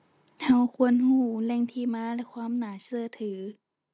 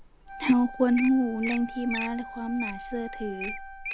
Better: first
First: none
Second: background sound (Wild animals + Wind instrument, woodwind instrument); 10 dB below the speech

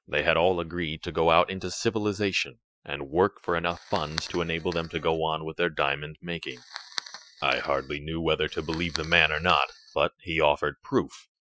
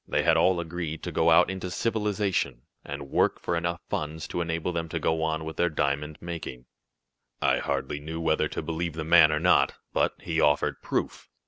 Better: second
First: noise reduction (classical method Wiener filter)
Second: none

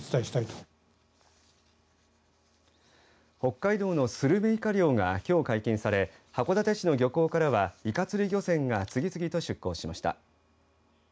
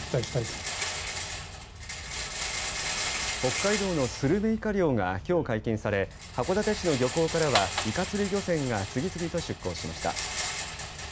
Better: first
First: none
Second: background sound (Rattle); 5 dB below the speech

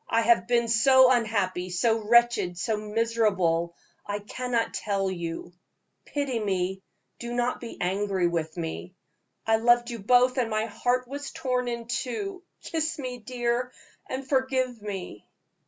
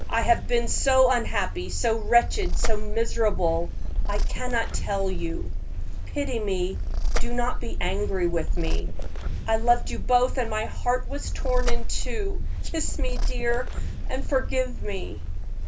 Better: first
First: none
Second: background sound (Purr); 4 dB above the speech

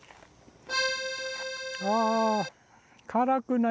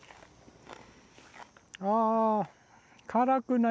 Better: second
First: background sound (Accordion); 3 dB below the speech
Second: none

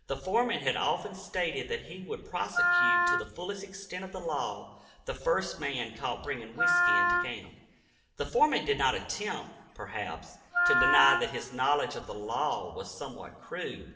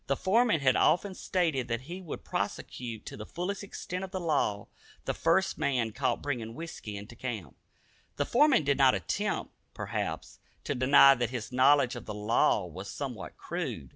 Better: second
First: background sound (Wind instrument, woodwind instrument); 4 dB above the speech // room echo; dies away in 0.8 s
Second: none

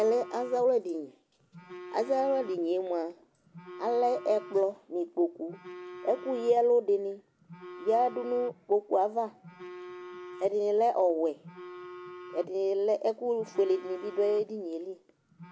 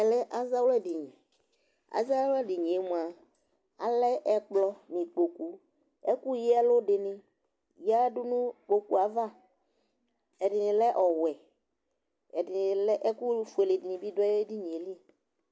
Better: second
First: background sound (Telephone); 17 dB below the speech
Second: none

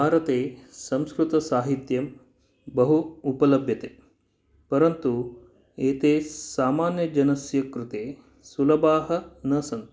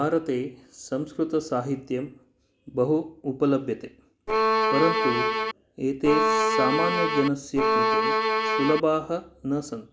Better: first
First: none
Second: background sound (Bowed string instrument); 4 dB above the speech

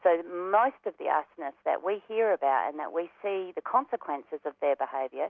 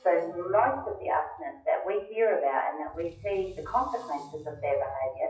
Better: first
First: none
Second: noise reduction (classical method WPE with log-MMSE)

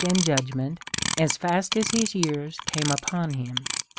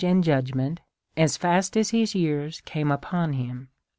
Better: second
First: background sound (Clock); 5 dB below the speech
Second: none

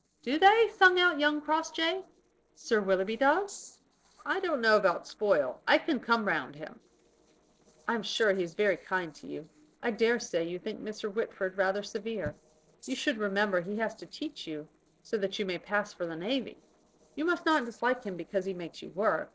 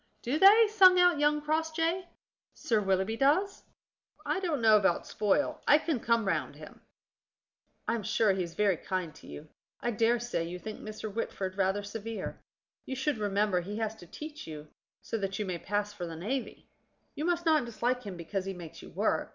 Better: second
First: noise reduction (neural separator model SepFormer DNS4)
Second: none

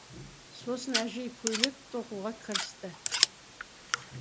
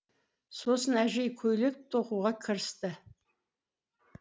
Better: second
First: background sound (Scissors); 3 dB above the speech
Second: none

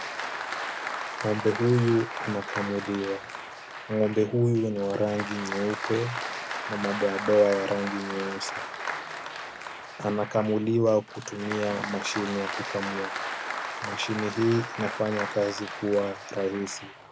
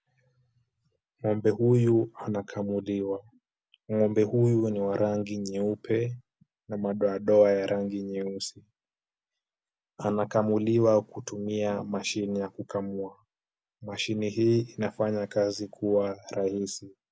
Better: second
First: background sound (Applause); 7 dB below the speech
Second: none

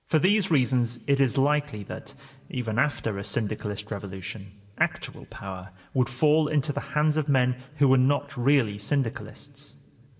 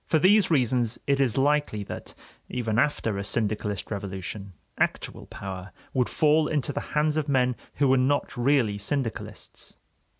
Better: second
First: room echo; dies away in 2 s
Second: none

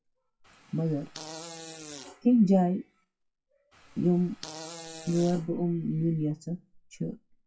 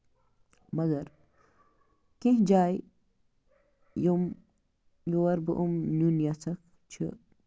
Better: second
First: noise reduction (classical method WPE with log-MMSE)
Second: none

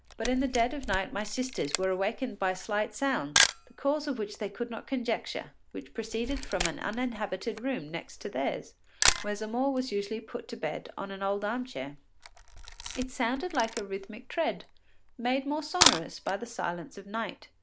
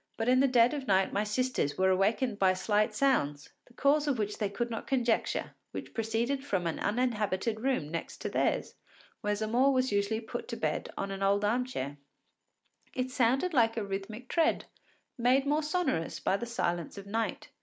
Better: second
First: background sound (Camera); 3 dB below the speech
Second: none

